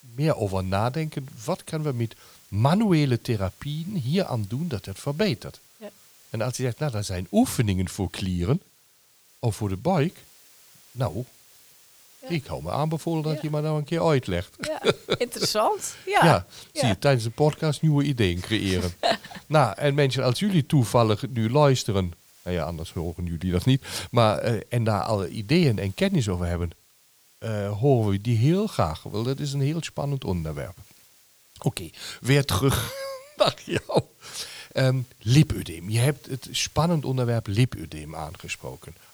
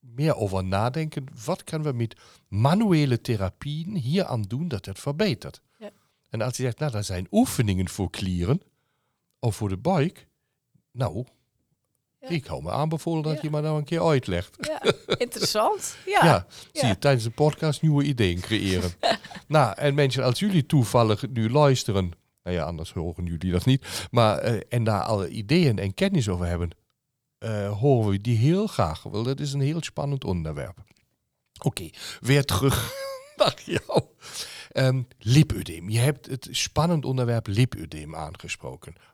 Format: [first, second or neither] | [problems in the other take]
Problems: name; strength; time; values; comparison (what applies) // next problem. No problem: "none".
second | hiss; faint; throughout; 30 dB below the speech